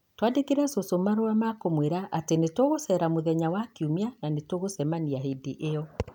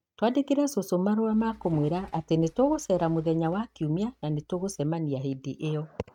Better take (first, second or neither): first